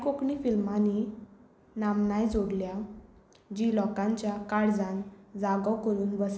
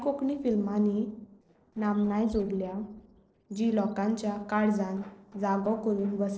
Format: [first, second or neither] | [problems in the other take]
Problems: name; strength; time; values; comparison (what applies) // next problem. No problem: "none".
first | noise reduction (neural separator model SepFormer DNS4)